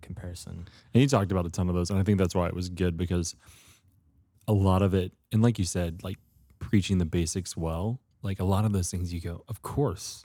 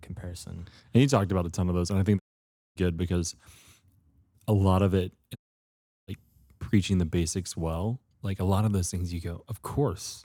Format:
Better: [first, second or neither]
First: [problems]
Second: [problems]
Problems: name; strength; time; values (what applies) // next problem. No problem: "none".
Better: first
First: none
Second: audio cutting out; at 2 s for 0.5 s and at 5.5 s for 0.5 s